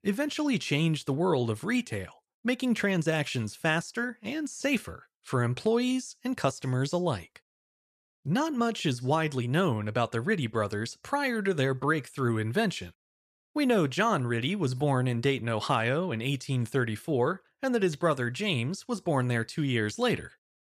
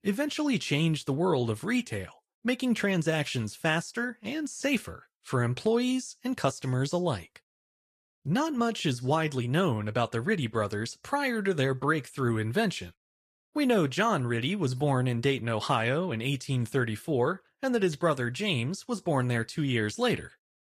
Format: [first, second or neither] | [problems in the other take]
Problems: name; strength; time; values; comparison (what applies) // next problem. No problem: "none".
first | garbled, watery; slightly; nothing above 14.5 kHz